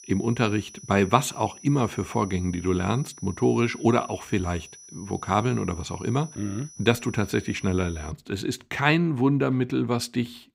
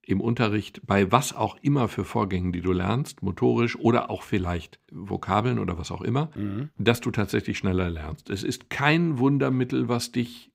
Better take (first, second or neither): second